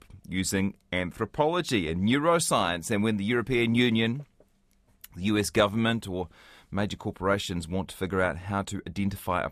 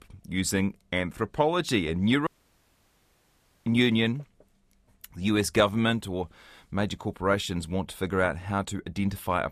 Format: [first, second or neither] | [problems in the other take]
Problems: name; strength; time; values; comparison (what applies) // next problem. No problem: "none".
first | audio cutting out; at 2.5 s for 1.5 s